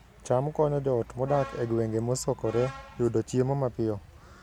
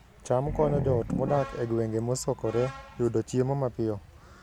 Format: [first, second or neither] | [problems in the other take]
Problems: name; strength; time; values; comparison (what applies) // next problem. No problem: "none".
first | background sound (Growling); 7 dB below the speech